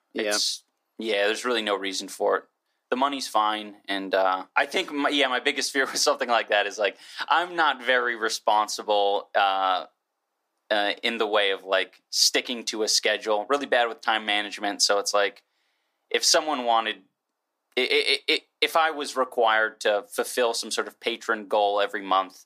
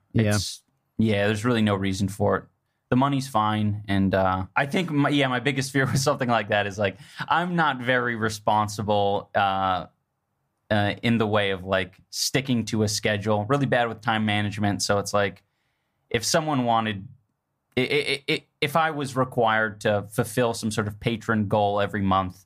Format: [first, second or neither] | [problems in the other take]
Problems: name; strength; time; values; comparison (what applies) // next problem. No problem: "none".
second | thin; somewhat; fading below 300 Hz